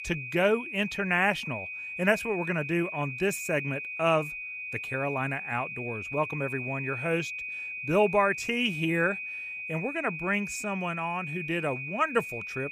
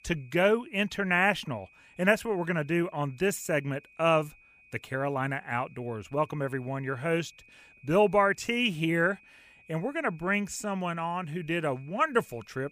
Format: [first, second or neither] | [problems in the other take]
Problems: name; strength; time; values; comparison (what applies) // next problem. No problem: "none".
second | high-pitched whine; loud; throughout; 2.5 kHz, 6 dB below the speech; faint in the second